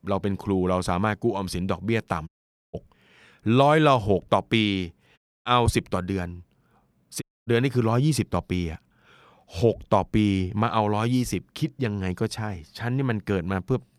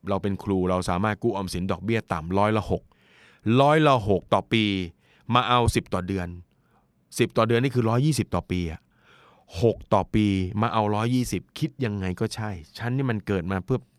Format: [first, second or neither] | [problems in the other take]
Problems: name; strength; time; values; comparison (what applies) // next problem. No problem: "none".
second | audio cutting out; at 2.5 s, at 5 s and at 7 s